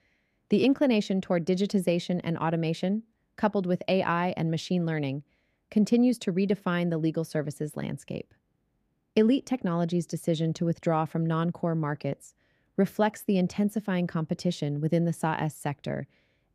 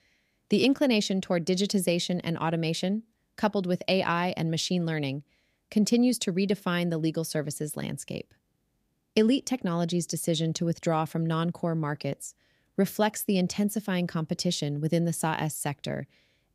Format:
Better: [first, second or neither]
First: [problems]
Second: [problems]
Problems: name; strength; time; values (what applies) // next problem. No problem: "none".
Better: second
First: muffled; slightly; fading above 3 kHz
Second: none